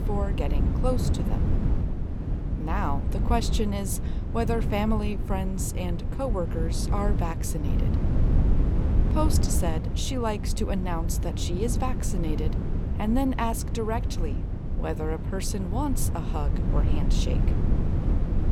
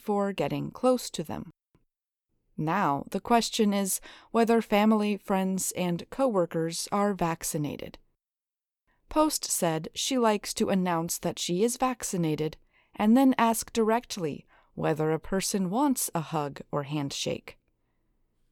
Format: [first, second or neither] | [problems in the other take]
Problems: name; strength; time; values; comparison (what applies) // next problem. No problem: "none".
second | wind noise on the microphone; heavy; 7 dB below the speech